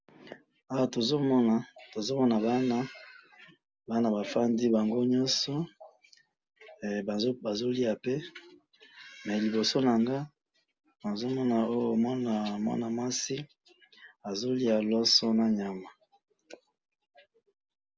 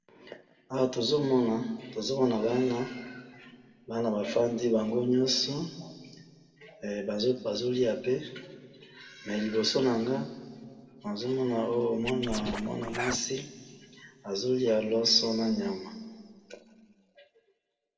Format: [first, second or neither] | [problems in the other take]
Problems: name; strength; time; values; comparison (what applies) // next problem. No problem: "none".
first | background sound (Scratching (performance technique)); 6 dB below the speech // room echo; dies away in 1.6 s